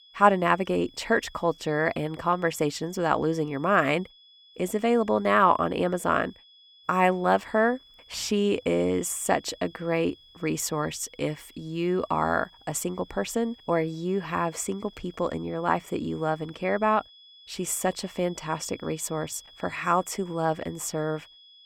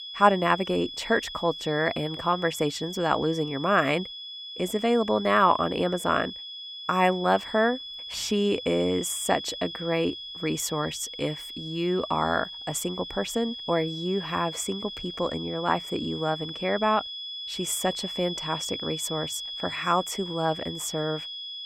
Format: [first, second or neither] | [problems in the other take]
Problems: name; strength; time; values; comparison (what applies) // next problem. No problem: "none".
first | high-pitched whine; loud; throughout; 3.5 kHz, 8 dB below the speech; faint in the first